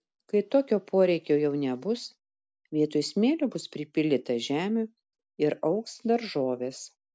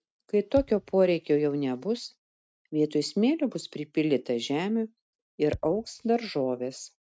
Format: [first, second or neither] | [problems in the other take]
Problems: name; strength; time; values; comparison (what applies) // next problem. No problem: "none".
first | noise reduction (neural mask model RNNoise)